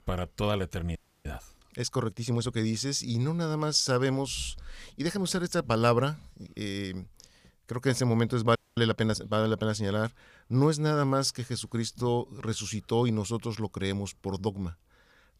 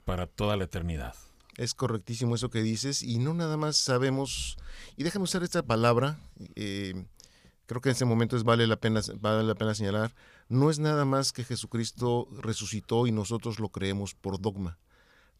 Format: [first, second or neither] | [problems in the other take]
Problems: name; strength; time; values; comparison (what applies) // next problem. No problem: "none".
second | audio freezing; at 1 s and at 8.5 s